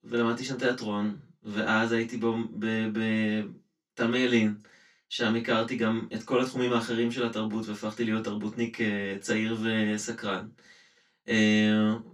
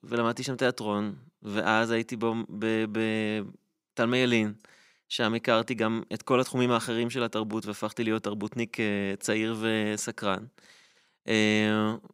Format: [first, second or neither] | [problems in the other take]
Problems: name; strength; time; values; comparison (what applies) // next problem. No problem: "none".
second | room echo; slight; dies away in 0.2 s // off-mic speech; far